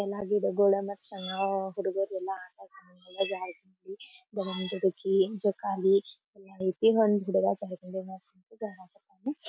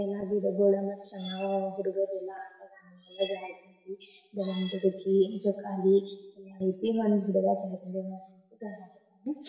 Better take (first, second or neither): first